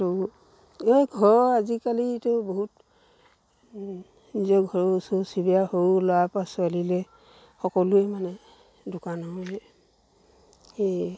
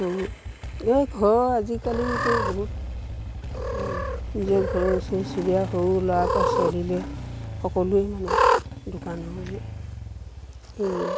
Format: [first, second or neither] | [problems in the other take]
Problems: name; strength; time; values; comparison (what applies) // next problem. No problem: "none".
first | background sound (Engine starting / Motorcycle + Cat); 2 dB below the speech